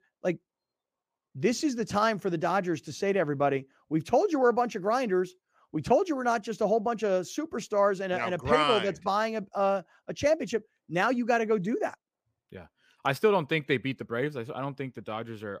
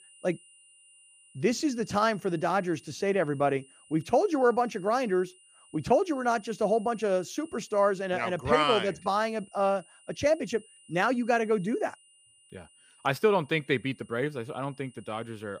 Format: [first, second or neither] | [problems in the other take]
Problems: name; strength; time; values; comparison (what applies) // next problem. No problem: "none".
first | high-pitched whine; faint; throughout; 3 kHz, 25 dB below the speech